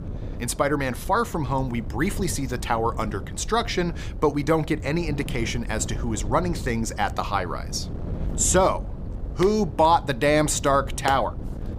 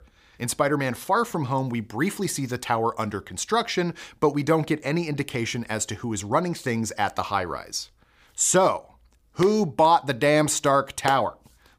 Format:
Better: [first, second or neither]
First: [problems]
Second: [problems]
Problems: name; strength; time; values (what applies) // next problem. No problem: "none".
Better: second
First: wind noise on the microphone; occasional gusts; 20 dB below the speech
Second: none